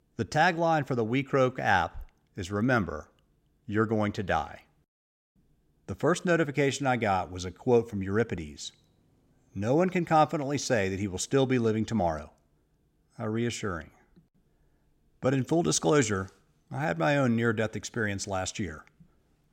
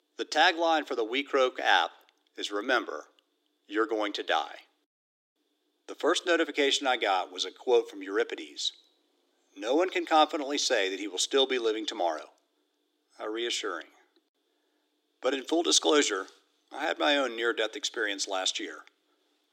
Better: first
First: none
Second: thin; somewhat; fading below 300 Hz

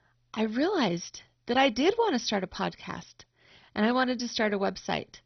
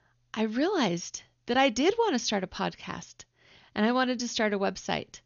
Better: second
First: garbled, watery; badly; nothing above 6 kHz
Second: garbled, watery; slightly; nothing above 6.5 kHz

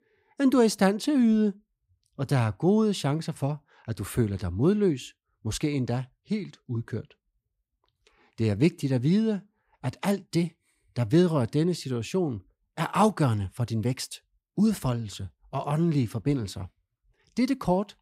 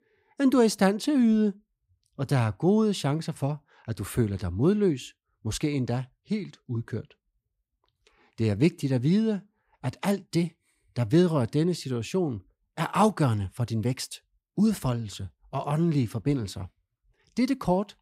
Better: neither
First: none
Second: none

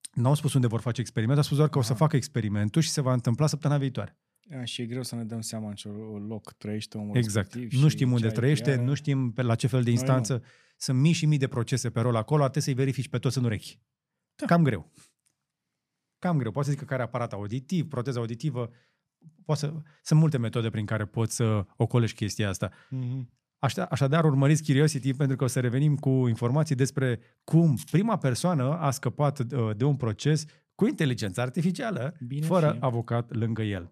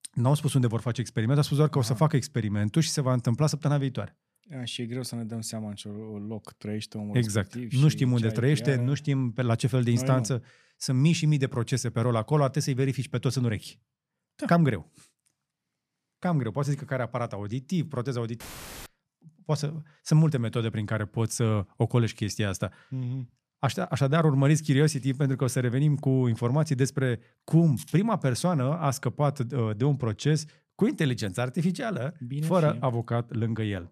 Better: first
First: none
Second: audio cutting out; filled with static; at 18 s

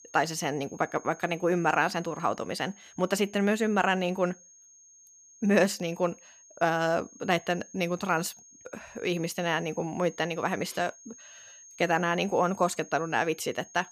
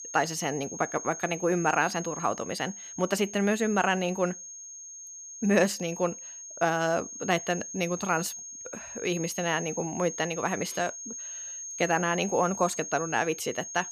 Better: first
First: high-pitched whine; faint; throughout; 6.5 kHz, 20 dB below the speech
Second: high-pitched whine; loud; throughout; 6.5 kHz, 9 dB below the speech

